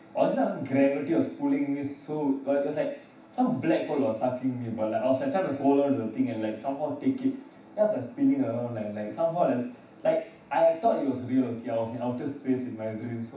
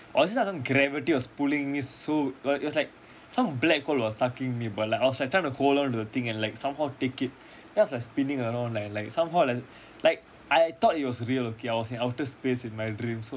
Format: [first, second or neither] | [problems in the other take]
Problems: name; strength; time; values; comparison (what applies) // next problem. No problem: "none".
second | room echo; dies away in 0.7 s